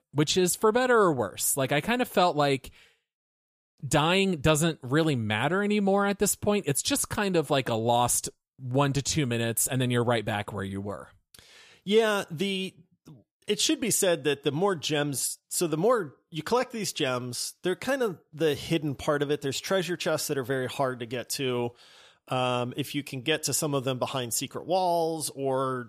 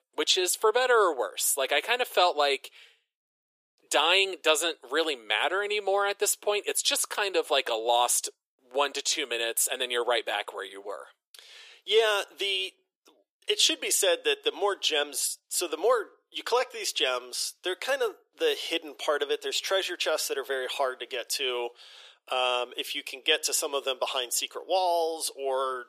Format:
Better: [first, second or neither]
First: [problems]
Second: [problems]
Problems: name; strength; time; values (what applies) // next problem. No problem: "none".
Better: first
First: none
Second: thin; very; fading below 400 Hz